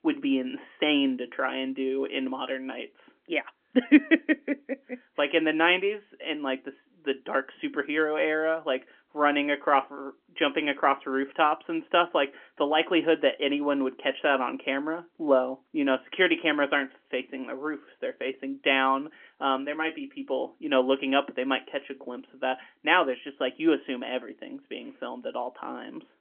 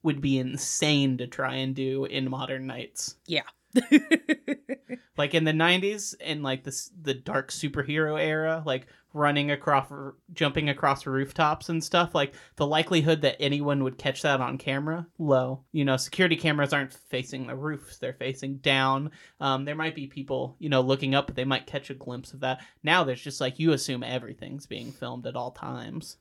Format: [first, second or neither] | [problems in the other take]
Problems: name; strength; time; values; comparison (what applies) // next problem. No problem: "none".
second | phone-call audio; nothing above 3.5 kHz